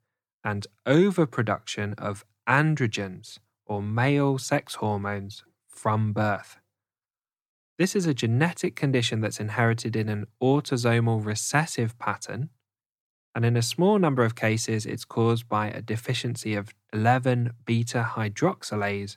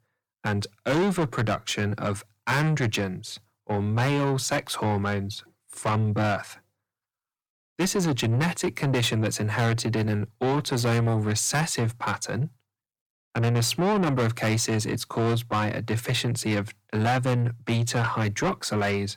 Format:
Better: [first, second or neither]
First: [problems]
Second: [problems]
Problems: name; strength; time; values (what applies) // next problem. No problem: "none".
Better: first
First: none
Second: distortion; heavy; 7 dB below the speech